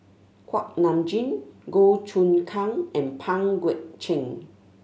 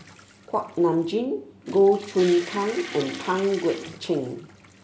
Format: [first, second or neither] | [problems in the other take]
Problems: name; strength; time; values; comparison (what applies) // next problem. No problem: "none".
first | background sound (Toilet flush / Water); 15 dB below the speech